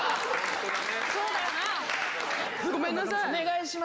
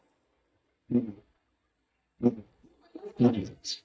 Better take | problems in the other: first | noise reduction (neural mask model DeepFilterNet 3)

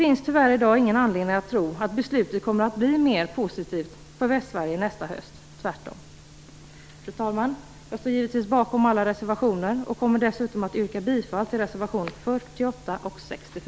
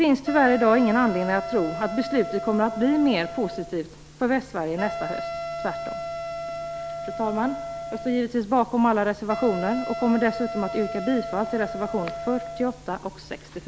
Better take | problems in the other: first | background sound (Wind instrument, woodwind instrument); 9 dB below the speech

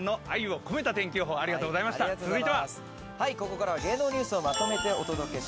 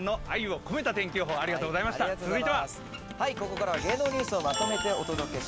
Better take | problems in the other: first | background sound (Squeak); 13 dB below the speech

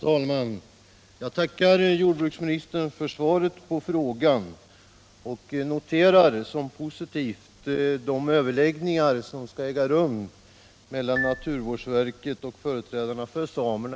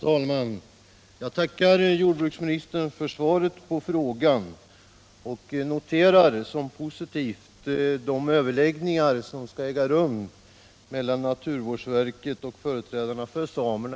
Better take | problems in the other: second | background sound (Marimba, xylophone); 12 dB below the speech

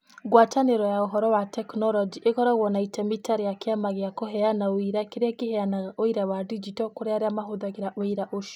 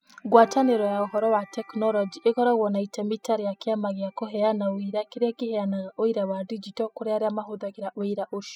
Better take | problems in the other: first | noise reduction (classical method spectral subtraction)

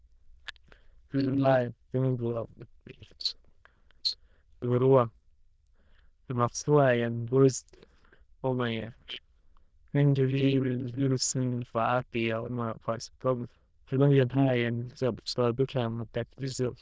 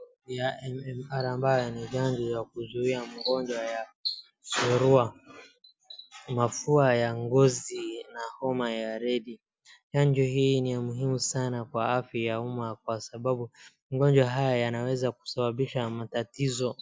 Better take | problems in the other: second | noise reduction (neural diffusion model UNIVERSE++)

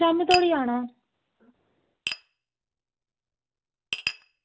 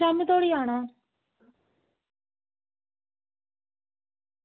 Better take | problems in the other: second | background sound (Tap); 8 dB below the speech

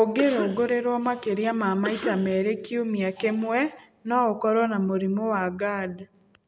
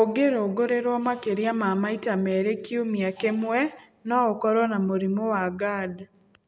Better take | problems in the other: second | background sound (Cough); 11 dB below the speech

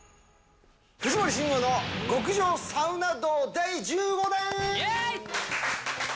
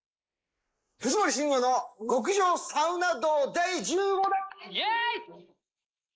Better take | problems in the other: first | noise reduction (neural mask model Resemble Enhance denoiser)

